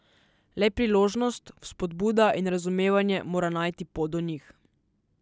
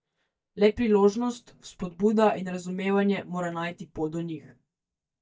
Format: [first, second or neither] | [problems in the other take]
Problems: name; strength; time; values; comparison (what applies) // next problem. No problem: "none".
first | noise reduction (neural mask model DeepFilterNet 3)